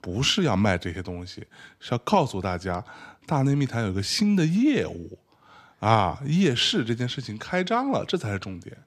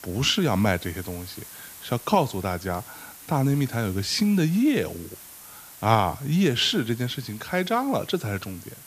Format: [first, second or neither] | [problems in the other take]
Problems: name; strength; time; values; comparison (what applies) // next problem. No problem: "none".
first | hiss; noticeable; throughout; 15 dB below the speech